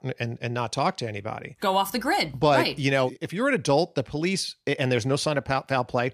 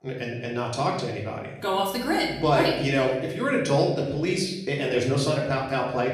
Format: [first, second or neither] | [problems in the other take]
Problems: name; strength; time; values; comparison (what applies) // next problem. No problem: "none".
first | room echo; noticeable; dies away in 0.8 s // off-mic speech; far